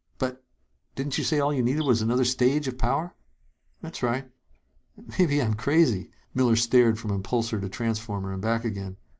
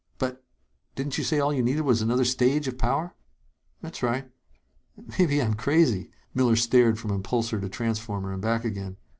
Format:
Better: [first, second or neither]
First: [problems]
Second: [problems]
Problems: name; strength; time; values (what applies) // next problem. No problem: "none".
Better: second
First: noise reduction (neural mask model Resemble Enhance denoiser)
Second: none